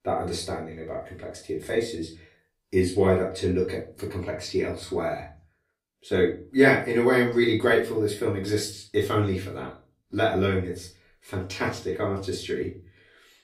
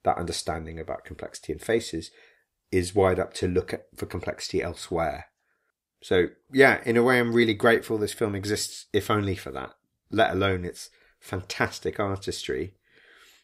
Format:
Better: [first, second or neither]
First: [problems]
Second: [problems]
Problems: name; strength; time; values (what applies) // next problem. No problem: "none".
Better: second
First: off-mic speech; far // room echo; slight; dies away in 0.3 s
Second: none